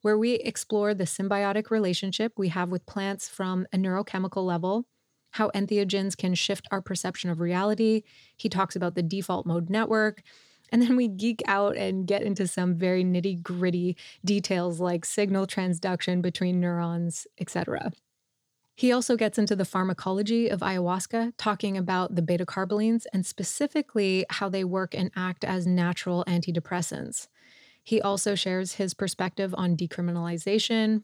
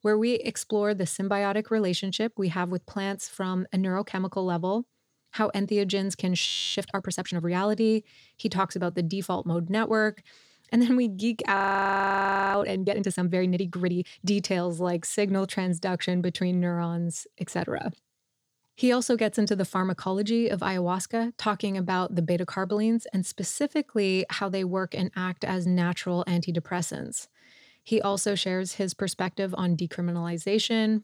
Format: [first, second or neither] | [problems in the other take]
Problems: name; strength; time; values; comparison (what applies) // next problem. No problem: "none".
first | audio freezing; at 6.5 s and at 12 s for 1 s